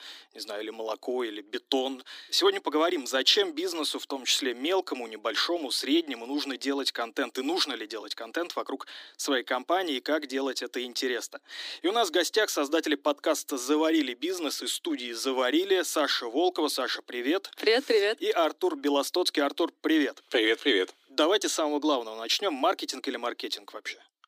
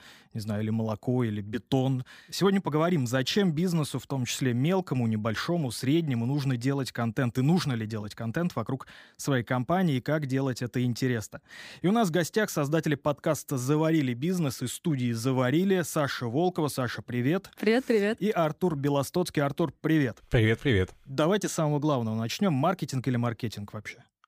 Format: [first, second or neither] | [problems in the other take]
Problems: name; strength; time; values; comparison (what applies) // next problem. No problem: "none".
second | thin; somewhat; fading below 300 Hz